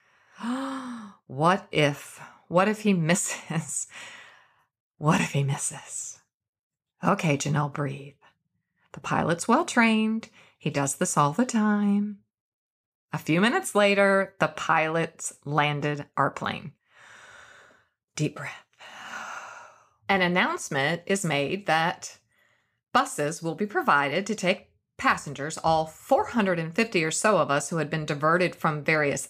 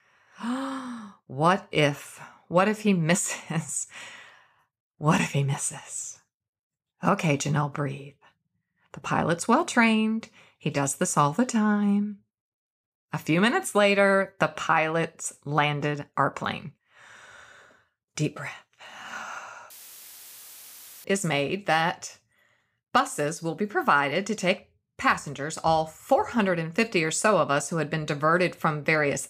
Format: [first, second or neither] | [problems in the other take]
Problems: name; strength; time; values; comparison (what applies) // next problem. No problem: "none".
first | audio cutting out; filled with static; at 20 s for 1.5 s